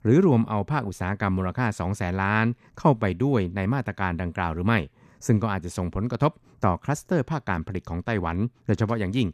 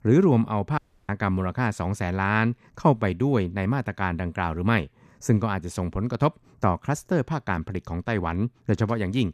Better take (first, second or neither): first